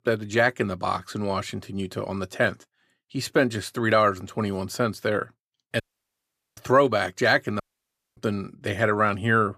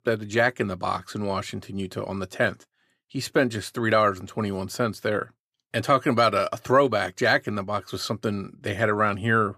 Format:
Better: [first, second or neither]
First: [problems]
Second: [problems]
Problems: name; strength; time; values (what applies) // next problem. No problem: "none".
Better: second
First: audio cutting out; at 6 s for 1 s and at 7.5 s for 0.5 s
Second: none